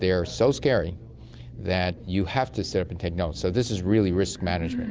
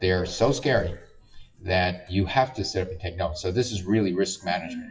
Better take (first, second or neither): first